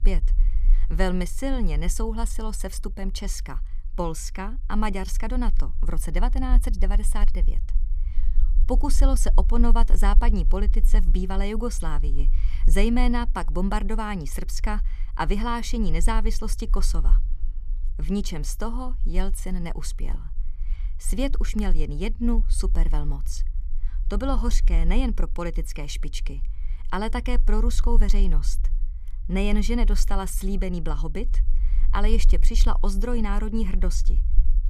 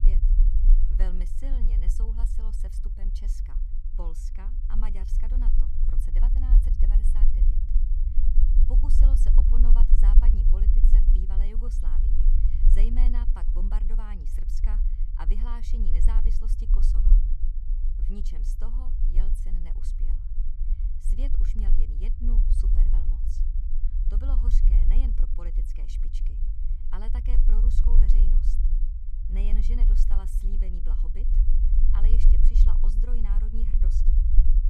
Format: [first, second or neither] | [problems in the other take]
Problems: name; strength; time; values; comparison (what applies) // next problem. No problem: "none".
first | low rumble; loud; throughout; 2 dB below the speech; faint in the first